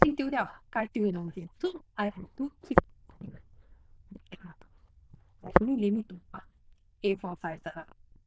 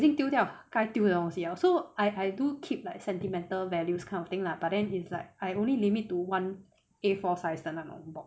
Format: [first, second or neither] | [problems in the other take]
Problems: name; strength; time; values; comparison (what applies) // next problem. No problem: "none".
second | noise reduction (neural diffusion model UNIVERSE++)